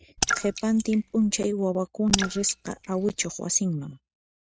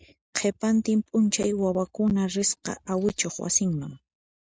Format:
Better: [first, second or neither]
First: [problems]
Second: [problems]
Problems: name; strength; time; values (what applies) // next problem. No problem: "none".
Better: second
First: noise reduction (neural mask model RNNoise)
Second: none